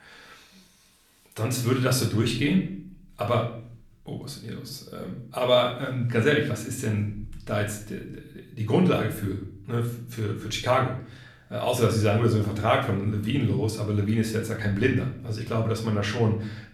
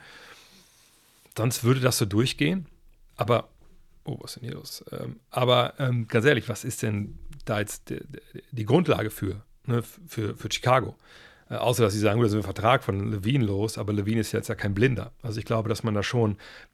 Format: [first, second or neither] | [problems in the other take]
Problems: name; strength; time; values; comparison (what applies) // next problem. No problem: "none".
second | room echo; slight; dies away in 0.5 s // off-mic speech; somewhat distant